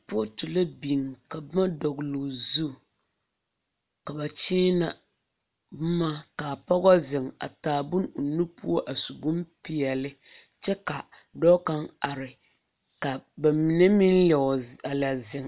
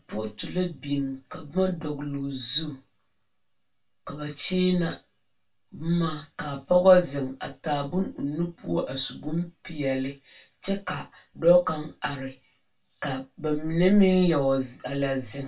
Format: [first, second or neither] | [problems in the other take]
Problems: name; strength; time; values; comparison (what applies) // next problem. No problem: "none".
first | room echo; dies away in 0.2 s